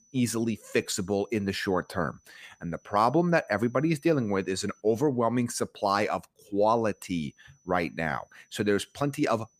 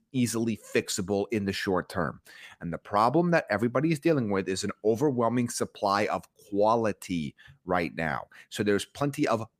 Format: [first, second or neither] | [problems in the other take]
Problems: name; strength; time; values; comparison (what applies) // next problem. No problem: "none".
second | high-pitched whine; faint; until 5 s and from 6.5 s on; 6 kHz, 35 dB below the speech